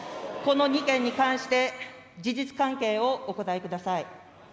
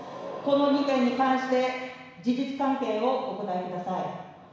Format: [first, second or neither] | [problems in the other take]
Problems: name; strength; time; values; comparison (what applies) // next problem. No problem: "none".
first | room echo; dies away in 1.1 s